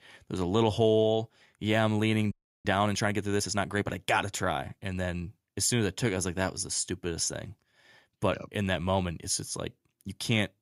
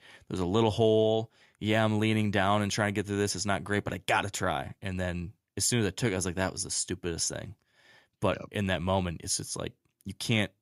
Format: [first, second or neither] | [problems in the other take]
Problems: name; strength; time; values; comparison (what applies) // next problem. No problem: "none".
second | audio freezing; at 2.5 s